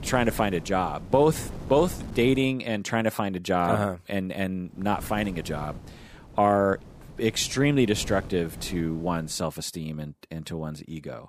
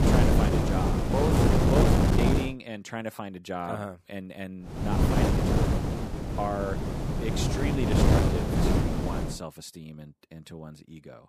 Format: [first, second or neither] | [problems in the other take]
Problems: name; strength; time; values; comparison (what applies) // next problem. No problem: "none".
first | wind noise on the microphone; heavy; until 2.5 s and from 4.5 to 9.5 s; 5 dB above the speech; occasional gusts in the first